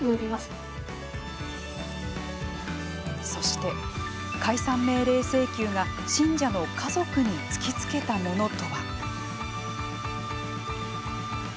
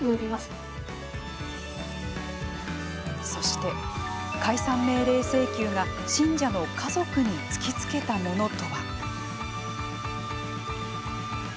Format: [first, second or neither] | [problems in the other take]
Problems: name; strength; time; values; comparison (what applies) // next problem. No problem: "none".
first | background sound (Mallet percussion); 14 dB below the speech